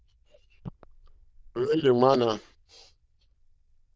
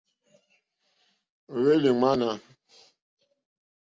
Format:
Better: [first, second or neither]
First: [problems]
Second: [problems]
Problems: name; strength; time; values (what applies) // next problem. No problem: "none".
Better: second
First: noise reduction (neural diffusion model UNIVERSE++)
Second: none